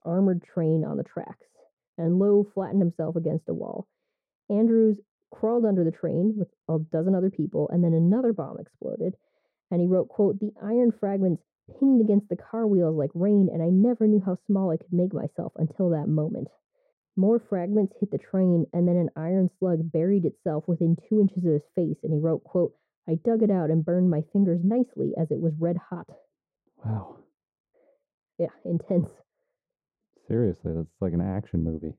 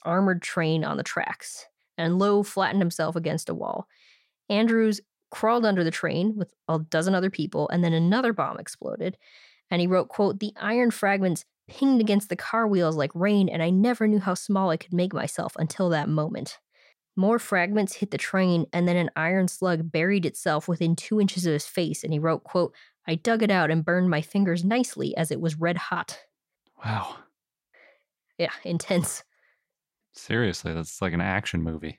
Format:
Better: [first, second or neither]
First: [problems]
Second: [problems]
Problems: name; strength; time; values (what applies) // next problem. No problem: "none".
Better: second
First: muffled; very; fading above 1 kHz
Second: none